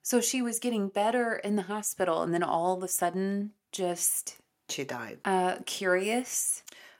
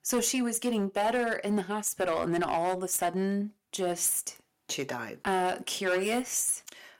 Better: first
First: none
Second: distortion; slight; 6% of the sound clipped

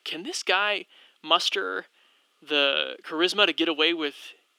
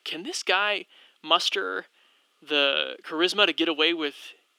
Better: neither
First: thin; very; fading below 300 Hz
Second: thin; very; fading below 300 Hz

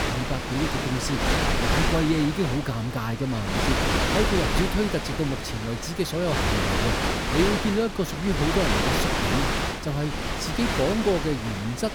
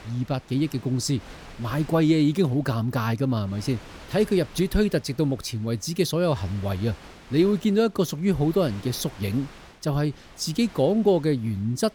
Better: second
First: wind noise on the microphone; heavy; 4 dB above the speech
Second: wind noise on the microphone; occasional gusts; 20 dB below the speech

